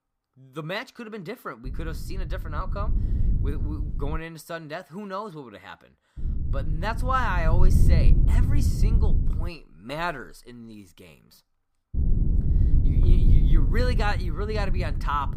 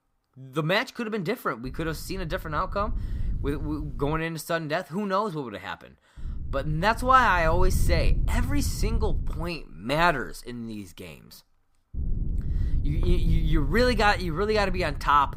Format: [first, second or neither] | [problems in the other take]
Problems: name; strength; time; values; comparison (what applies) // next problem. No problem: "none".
second | low rumble; loud; from 1.5 to 4 s, from 6 to 9.5 s and from 12 s on; 8 dB below the speech; faint in the second